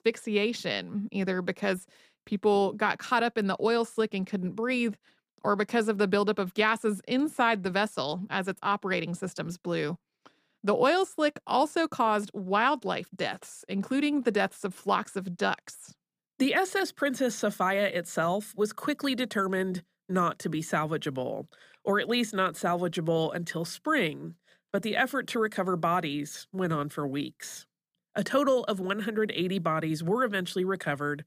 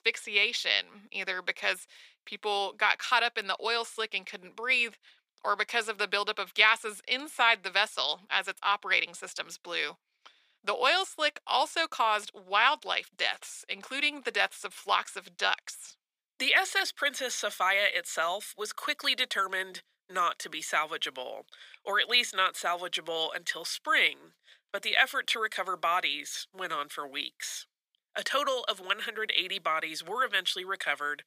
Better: first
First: none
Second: thin; very; fading below 750 Hz

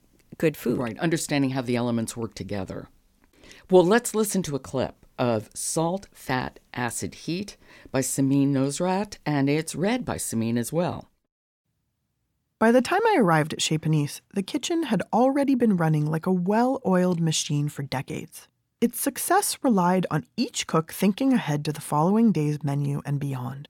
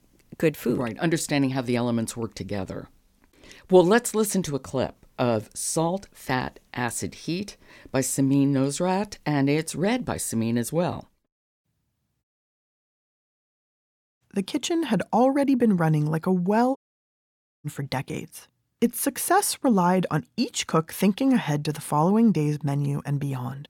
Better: first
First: none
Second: audio cutting out; at 12 s for 2 s and at 17 s for 1 s

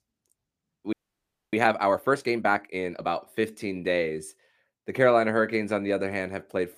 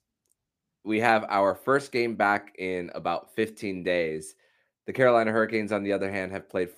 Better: second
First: audio freezing; at 1 s for 0.5 s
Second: none

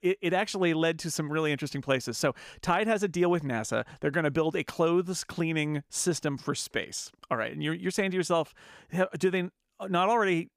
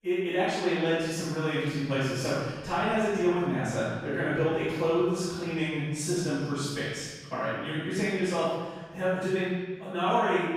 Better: first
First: none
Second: off-mic speech; far // room echo; strong; dies away in 1.4 s

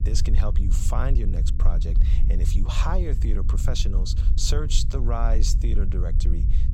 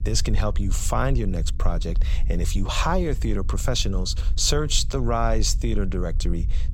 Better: second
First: low rumble; loud; throughout; 10 dB below the speech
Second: low rumble; faint; throughout; 20 dB below the speech

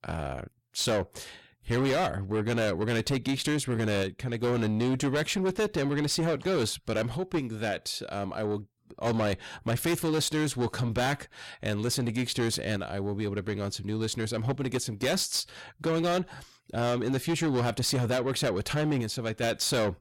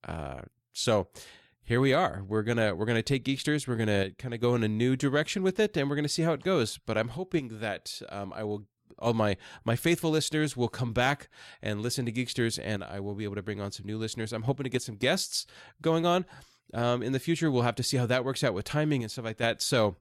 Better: second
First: distortion; heavy; 8 dB below the speech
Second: none

